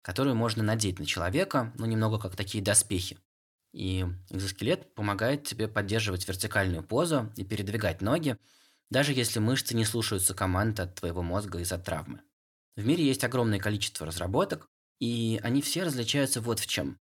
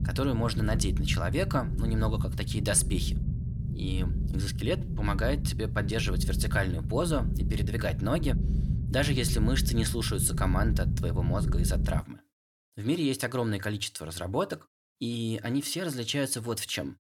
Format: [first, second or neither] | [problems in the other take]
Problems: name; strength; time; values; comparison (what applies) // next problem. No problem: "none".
first | low rumble; noticeable; until 12 s; 10 dB below the speech